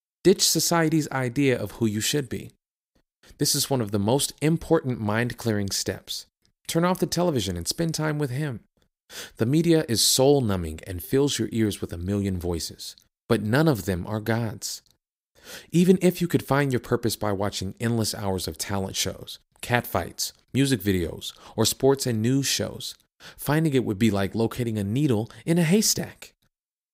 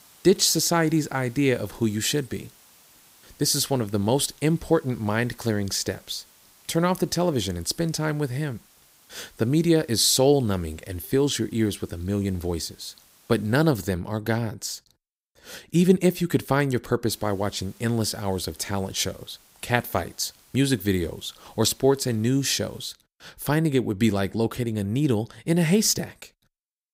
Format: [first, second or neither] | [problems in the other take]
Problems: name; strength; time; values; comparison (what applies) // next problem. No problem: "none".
first | hiss; faint; until 14 s and from 17 to 23 s; 30 dB below the speech